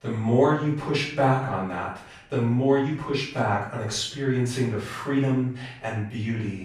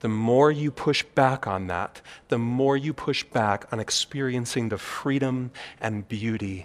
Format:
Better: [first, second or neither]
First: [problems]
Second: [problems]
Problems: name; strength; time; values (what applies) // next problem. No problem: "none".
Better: second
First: off-mic speech; far // room echo; noticeable; dies away in 0.5 s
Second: none